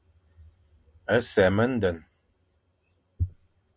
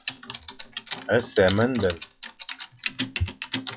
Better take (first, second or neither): first